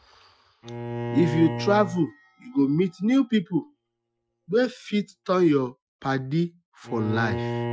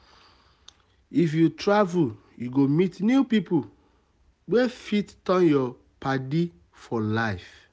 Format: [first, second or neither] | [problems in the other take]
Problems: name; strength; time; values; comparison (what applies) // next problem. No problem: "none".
second | noise reduction (classical method Wiener filter)